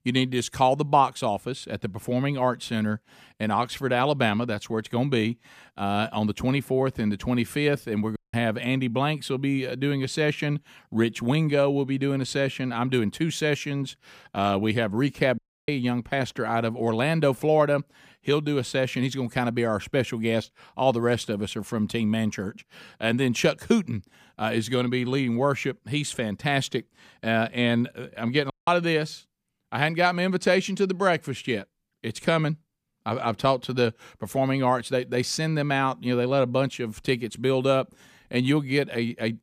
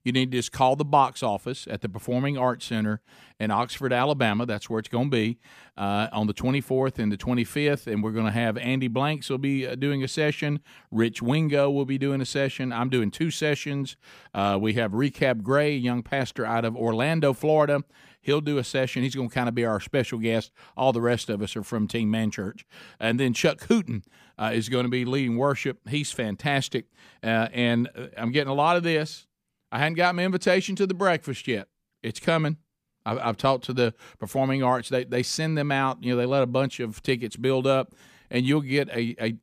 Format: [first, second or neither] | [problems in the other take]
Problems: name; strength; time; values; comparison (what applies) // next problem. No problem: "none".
second | audio cutting out; at 8 s, at 15 s and at 29 s